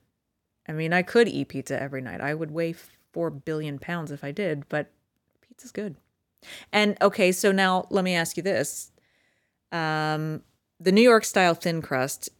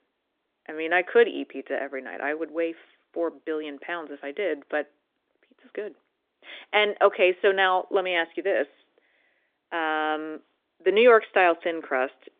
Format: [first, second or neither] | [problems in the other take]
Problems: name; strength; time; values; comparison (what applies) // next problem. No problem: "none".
first | phone-call audio; nothing above 3 kHz